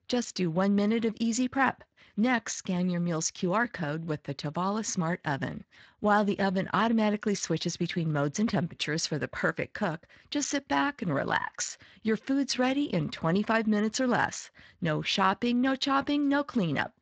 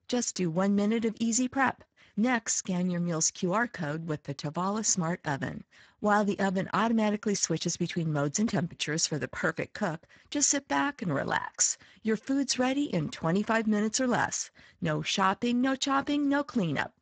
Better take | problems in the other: first | garbled, watery; badly; nothing above 7.5 kHz; slightly in the first

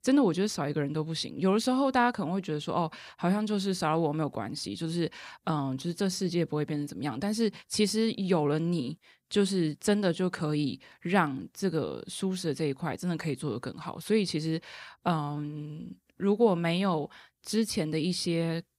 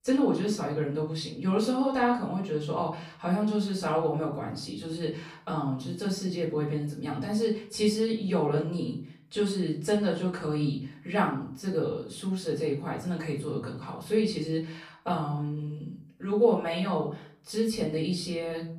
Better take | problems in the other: first | off-mic speech; far // room echo; slight; dies away in 0.4 s

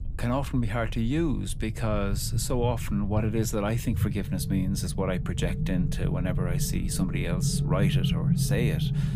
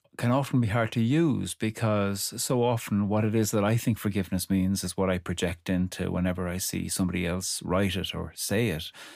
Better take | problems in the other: second | low rumble; loud; throughout; 7 dB below the speech

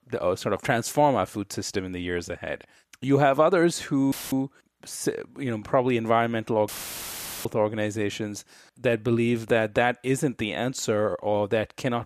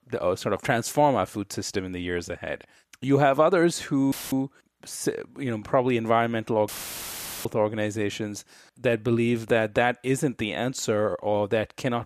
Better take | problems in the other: neither | audio cutting out; filled with static; at 4 s and at 6.5 s for 1 s; the same in both

